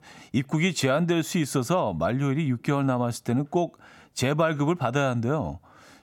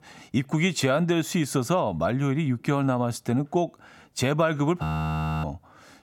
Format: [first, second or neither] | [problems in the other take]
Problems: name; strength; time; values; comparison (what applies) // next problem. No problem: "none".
first | audio freezing; at 5 s for 0.5 s